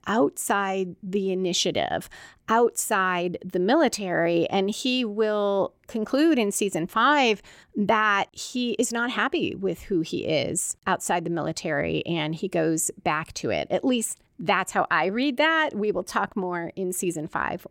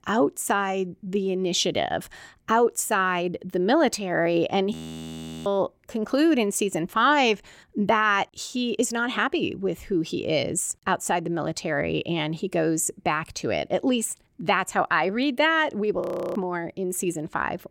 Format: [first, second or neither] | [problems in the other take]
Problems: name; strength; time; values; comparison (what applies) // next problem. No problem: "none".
first | audio freezing; at 4.5 s for 0.5 s and at 16 s